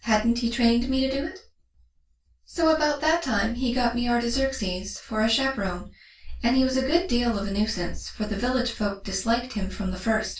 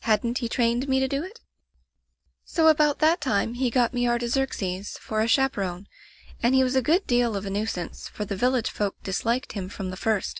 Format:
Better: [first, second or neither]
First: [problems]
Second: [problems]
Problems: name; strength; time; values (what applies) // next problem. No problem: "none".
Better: second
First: room echo; dies away in 0.2 s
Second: none